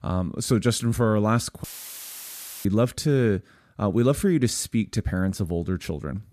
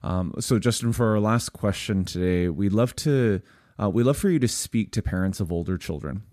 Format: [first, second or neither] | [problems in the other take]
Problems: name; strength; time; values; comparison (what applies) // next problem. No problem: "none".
second | audio cutting out; filled with static; at 1.5 s for 1 s